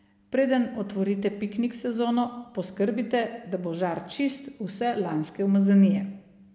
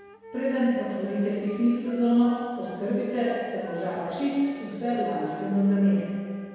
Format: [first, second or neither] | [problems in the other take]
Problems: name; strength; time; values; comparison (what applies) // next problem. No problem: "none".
first | background sound (Wind instrument, woodwind instrument); 19 dB below the speech // room echo; dies away in 1.9 s